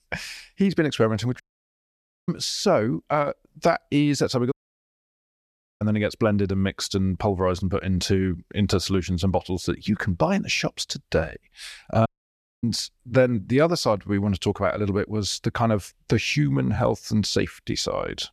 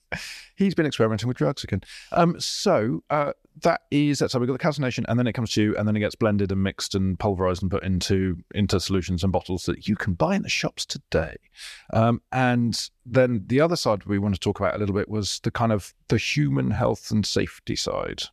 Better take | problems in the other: second | audio cutting out; at 1.5 s for 1 s, at 4.5 s for 1.5 s and at 12 s for 0.5 s

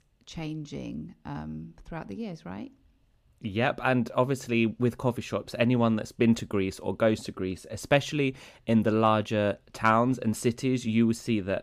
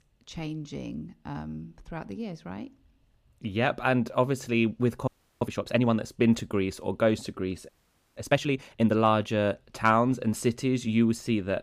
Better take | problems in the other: first | audio freezing; at 5 s and at 7.5 s

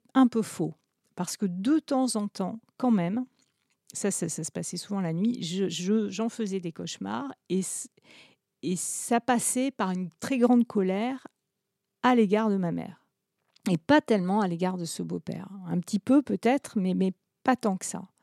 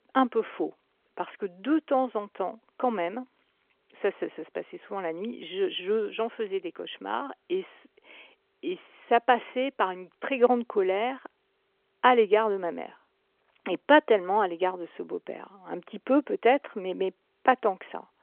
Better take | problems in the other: first | phone-call audio; nothing above 3 kHz

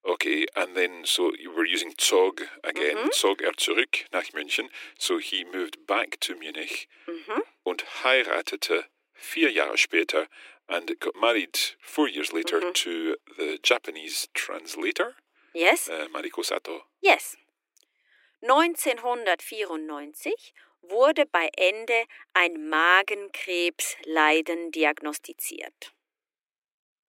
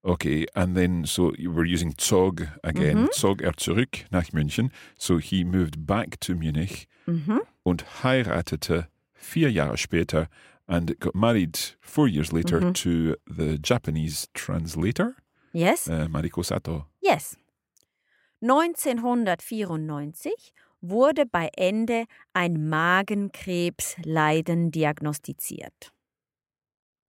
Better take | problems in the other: second | thin; very; fading below 300 Hz

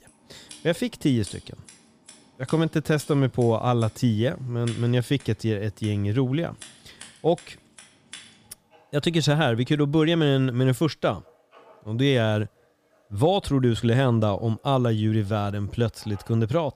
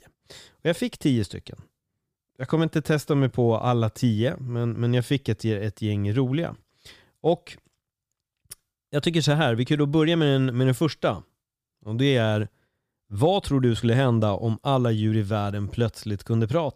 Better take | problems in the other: second | household noises; faint; throughout; 25 dB below the speech

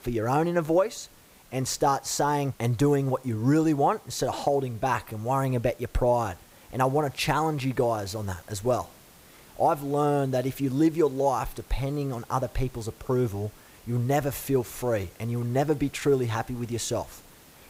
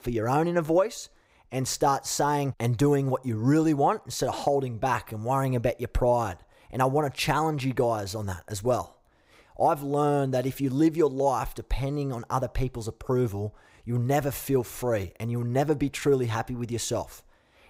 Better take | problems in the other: second | hiss; faint; throughout; 25 dB below the speech

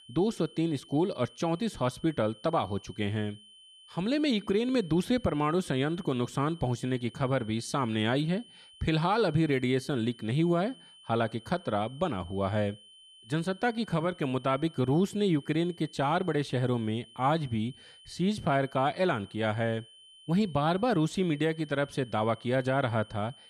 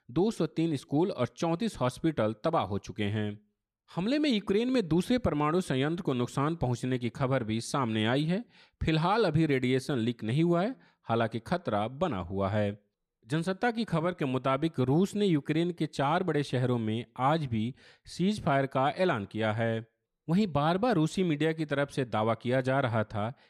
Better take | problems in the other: second | high-pitched whine; faint; throughout; 3 kHz, 25 dB below the speech

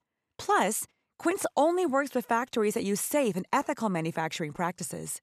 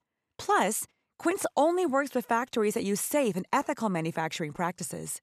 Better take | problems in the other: neither | none

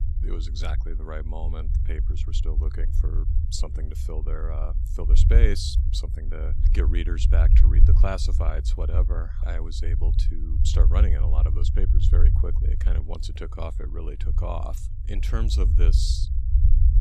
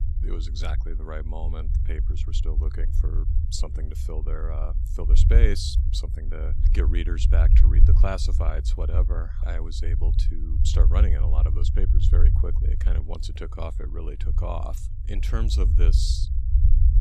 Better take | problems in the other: neither | low rumble; loud; throughout; 6 dB below the speech; the same in both

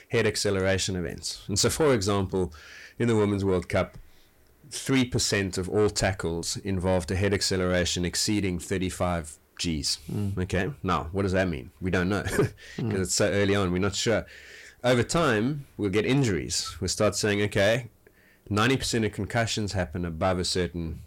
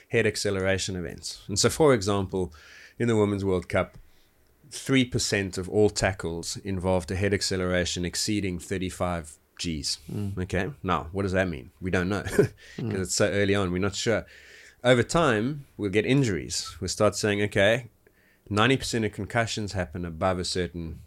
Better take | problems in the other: second | distortion; slight; 10 dB below the speech

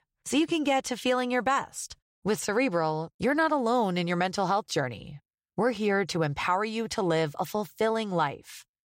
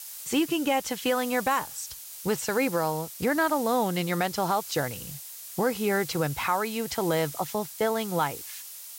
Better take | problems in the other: first | hiss; noticeable; throughout; 10 dB below the speech

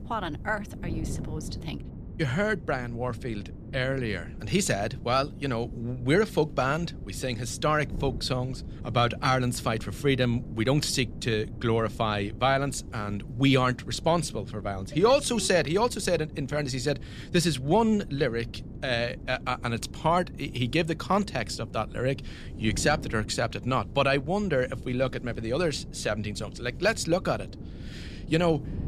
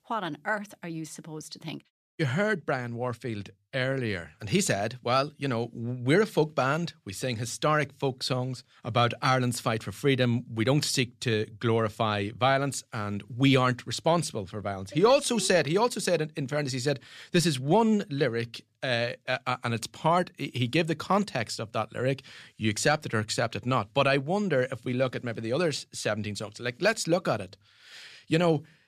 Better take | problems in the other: second | wind noise on the microphone; occasional gusts; 20 dB below the speech

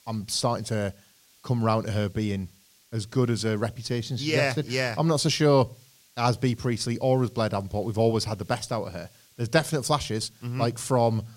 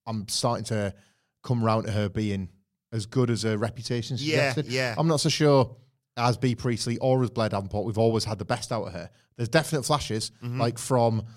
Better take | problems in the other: second | hiss; faint; throughout; 30 dB below the speech

